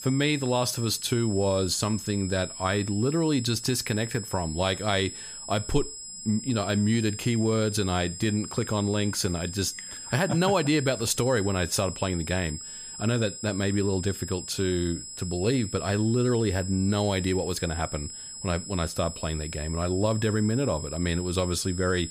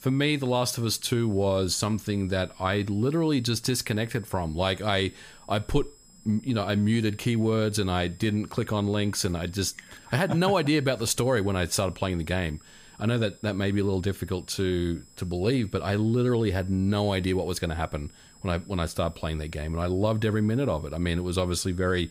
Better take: second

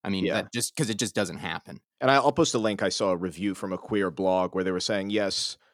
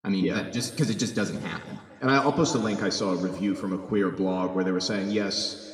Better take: first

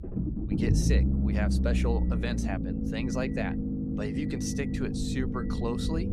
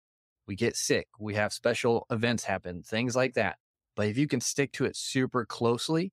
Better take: second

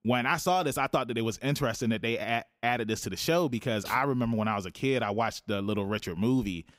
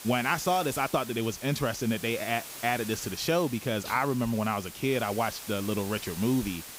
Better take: first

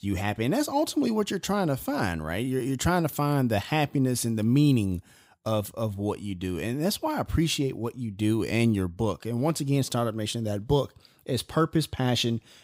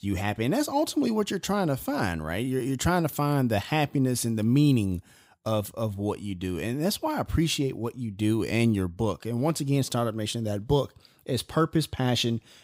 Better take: neither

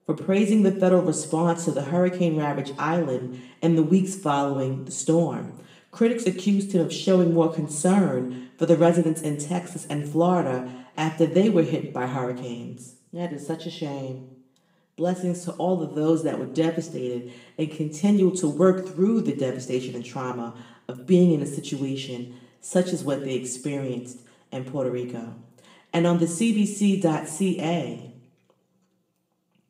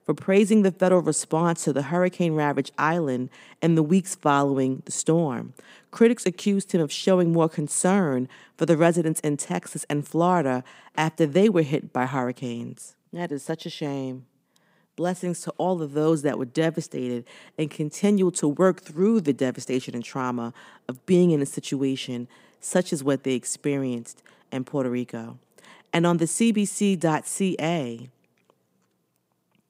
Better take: second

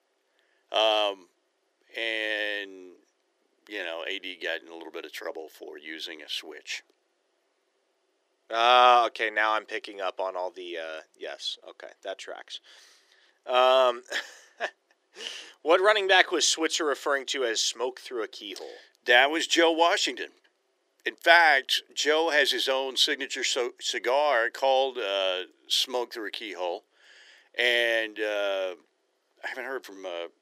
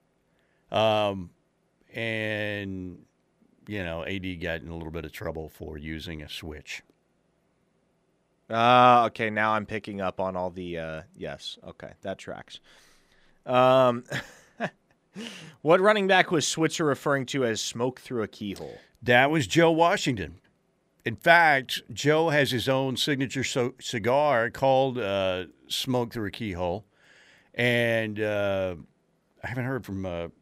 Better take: second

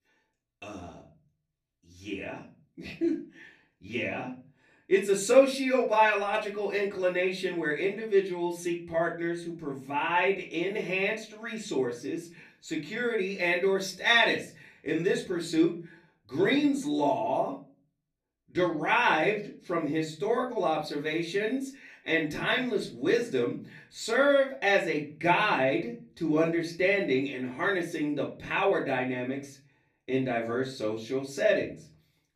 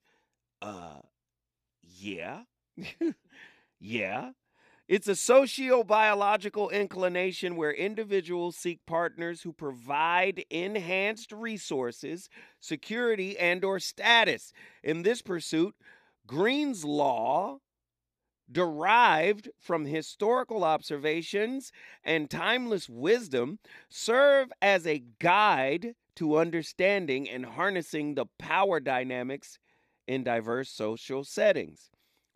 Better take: second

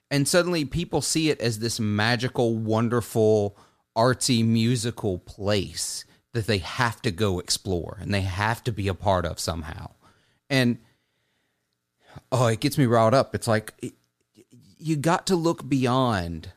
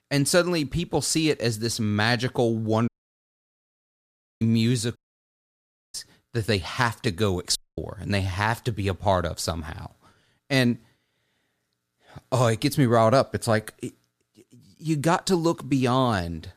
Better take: first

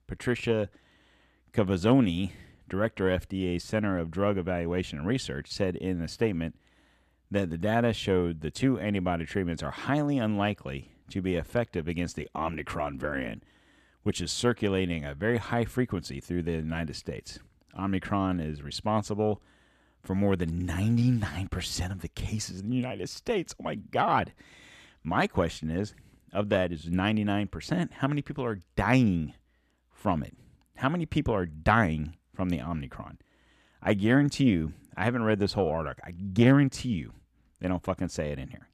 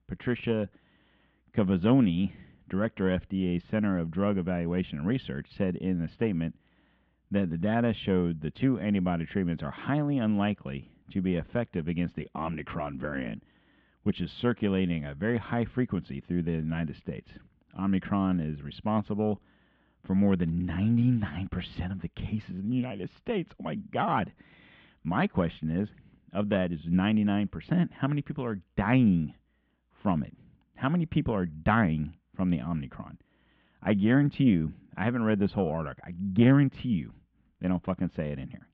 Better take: first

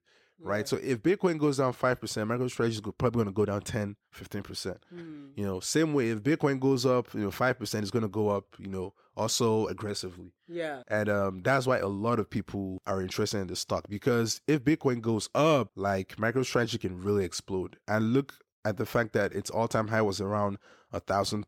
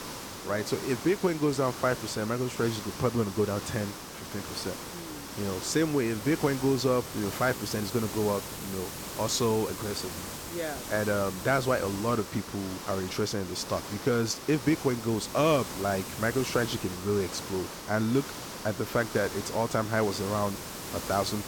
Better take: first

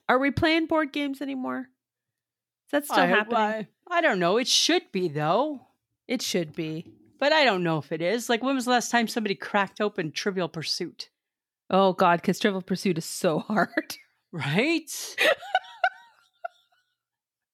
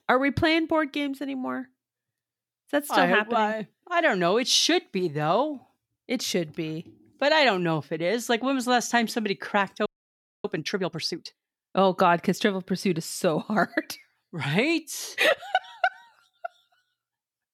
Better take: first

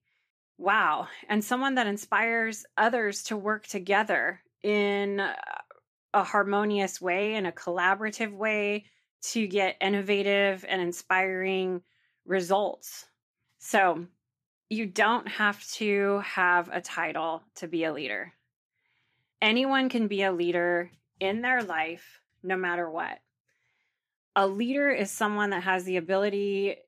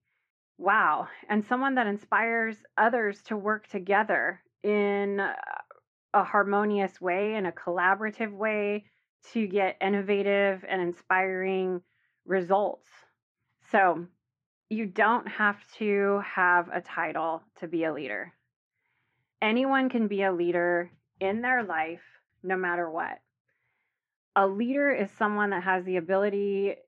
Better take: first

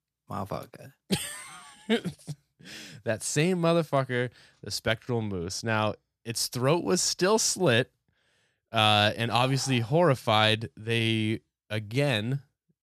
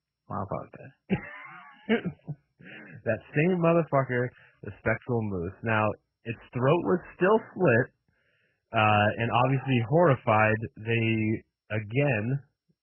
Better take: first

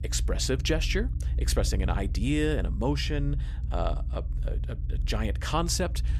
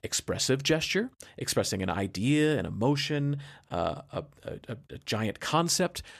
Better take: second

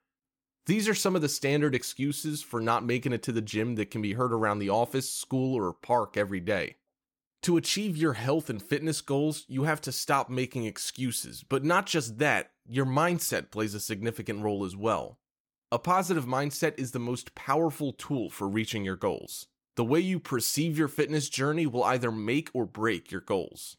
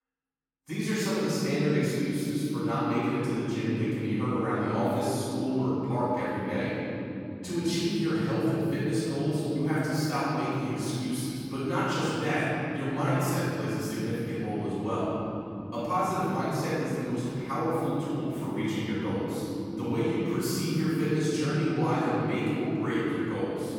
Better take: first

